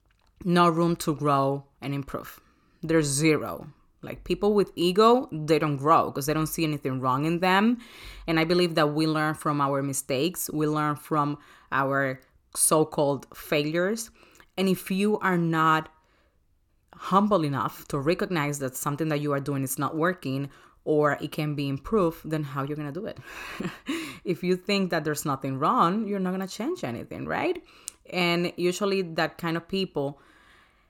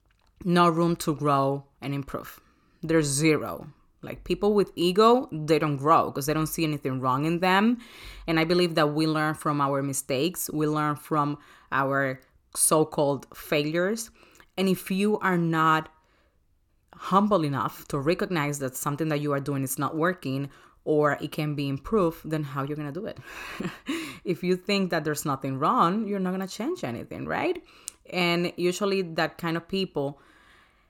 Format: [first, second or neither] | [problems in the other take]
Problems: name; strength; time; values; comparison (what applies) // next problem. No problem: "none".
neither | none